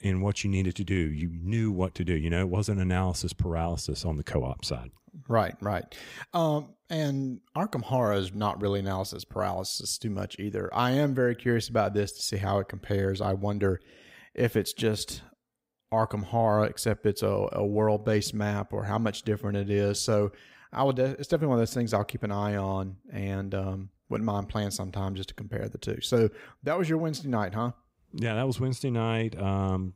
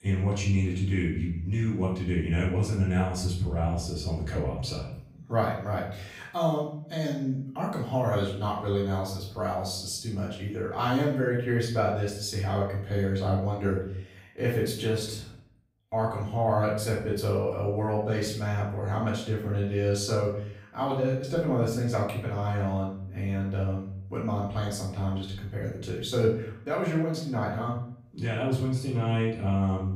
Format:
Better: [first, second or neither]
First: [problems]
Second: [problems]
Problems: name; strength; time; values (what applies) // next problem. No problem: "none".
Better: first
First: none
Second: off-mic speech; far // room echo; noticeable; dies away in 0.6 s